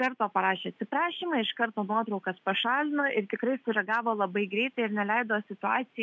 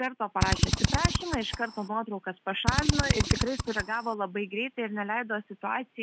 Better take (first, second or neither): first